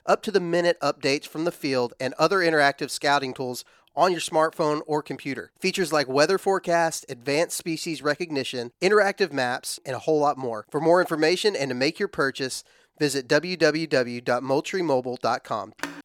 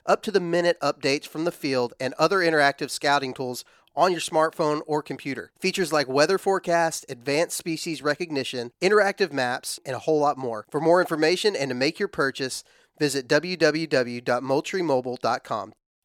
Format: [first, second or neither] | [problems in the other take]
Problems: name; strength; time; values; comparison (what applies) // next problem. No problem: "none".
second | phone ringing; faint; at 15 s; peak 10 dB below the speech